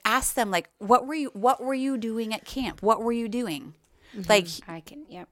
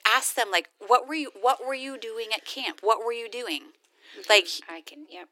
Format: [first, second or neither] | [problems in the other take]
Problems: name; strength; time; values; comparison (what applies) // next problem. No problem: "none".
first | thin; somewhat; fading below 300 Hz